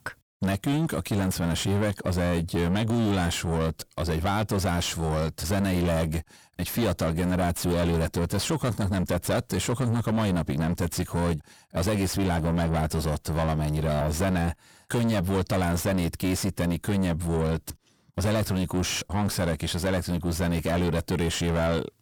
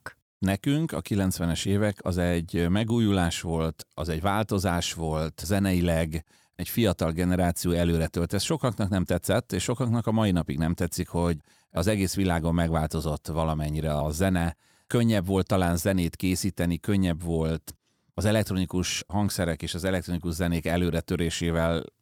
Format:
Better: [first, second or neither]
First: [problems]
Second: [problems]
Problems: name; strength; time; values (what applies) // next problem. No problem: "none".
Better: second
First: distortion; heavy; 7 dB below the speech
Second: none